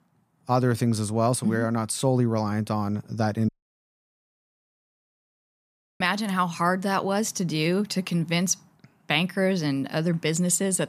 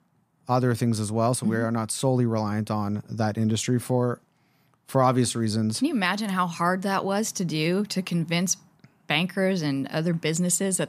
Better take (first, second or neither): second